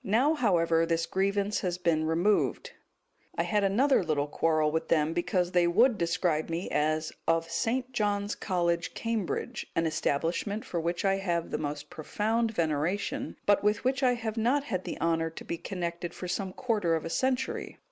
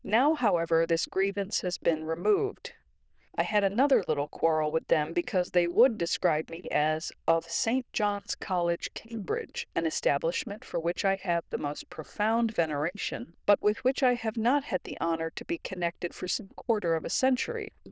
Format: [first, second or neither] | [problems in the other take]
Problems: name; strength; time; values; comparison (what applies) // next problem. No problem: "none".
first | noise reduction (neural diffusion model UNIVERSE++)